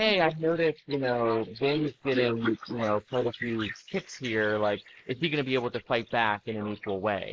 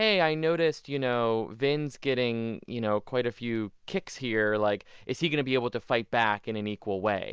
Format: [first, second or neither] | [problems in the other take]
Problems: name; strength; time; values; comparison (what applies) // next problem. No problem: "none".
second | noise reduction (neural mask model Resemble Enhance denoiser)